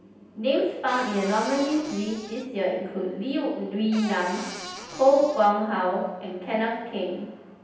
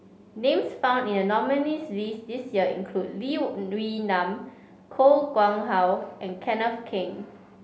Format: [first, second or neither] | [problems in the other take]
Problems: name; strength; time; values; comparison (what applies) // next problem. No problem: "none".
second | background sound (Cupboard open or close / Door); 13 dB below the speech // room echo; dies away in 0.9 s